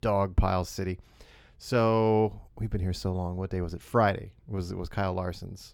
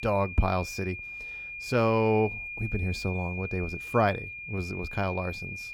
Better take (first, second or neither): first